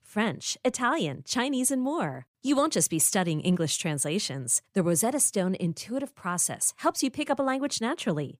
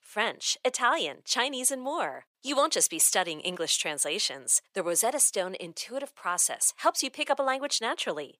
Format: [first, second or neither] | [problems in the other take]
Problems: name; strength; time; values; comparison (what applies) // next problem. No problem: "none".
first | thin; somewhat; fading below 600 Hz